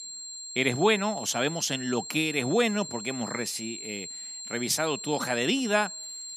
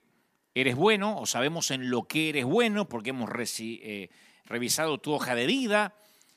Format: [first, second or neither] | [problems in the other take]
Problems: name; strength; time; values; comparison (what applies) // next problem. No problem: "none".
second | high-pitched whine; loud; throughout; 7.5 kHz, 9 dB below the speech